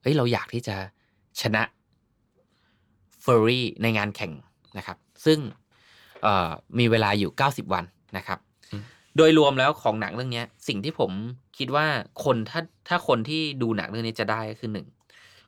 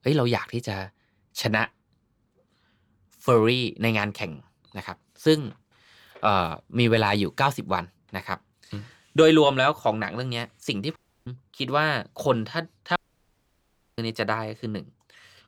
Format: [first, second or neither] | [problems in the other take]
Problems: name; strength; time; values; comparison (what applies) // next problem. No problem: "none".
first | audio cutting out; at 11 s and at 13 s for 1 s